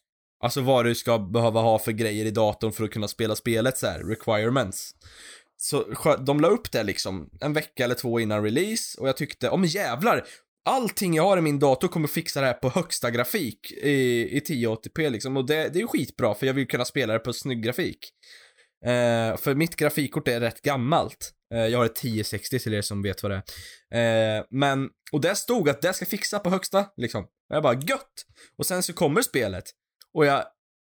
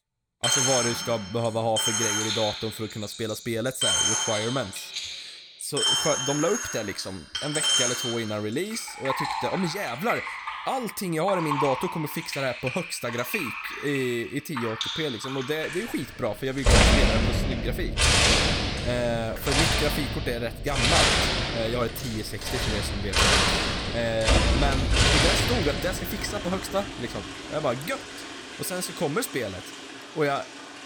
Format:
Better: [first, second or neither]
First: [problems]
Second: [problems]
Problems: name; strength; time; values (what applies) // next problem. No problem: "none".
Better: first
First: none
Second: household noises; very loud; throughout; 4 dB above the speech